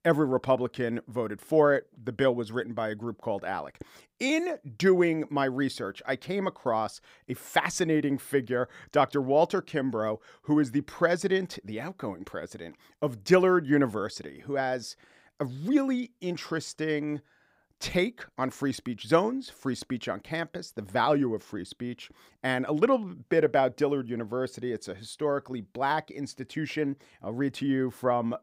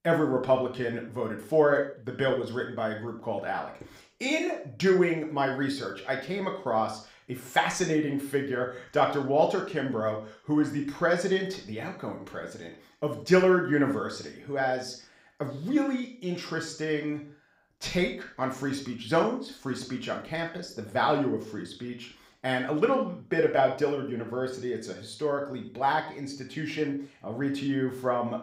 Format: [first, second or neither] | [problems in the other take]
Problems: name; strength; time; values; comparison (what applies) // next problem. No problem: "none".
first | room echo; noticeable; dies away in 0.4 s // off-mic speech; somewhat distant